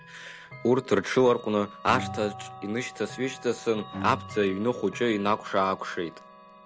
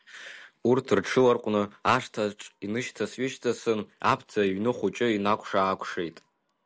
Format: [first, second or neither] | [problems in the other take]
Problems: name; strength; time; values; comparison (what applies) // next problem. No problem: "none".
second | background sound (Bowed string instrument + Chime / Clock); 14 dB below the speech